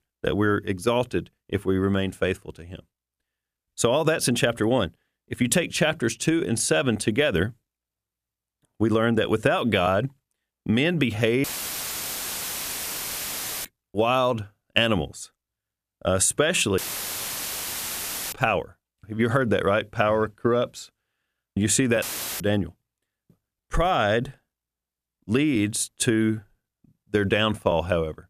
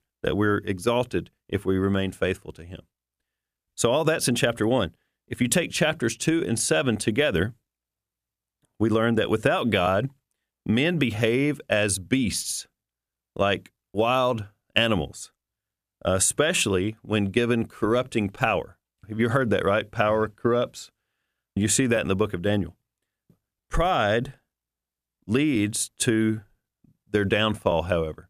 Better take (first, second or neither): second